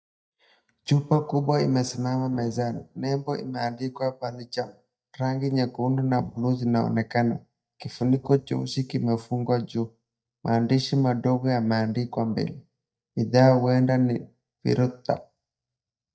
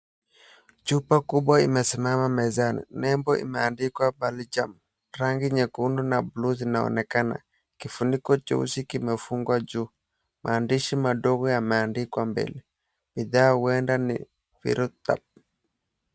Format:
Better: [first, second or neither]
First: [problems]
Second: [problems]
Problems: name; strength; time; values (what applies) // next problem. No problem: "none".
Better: second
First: noise reduction (neural mask model DeepFilterNet 3)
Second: none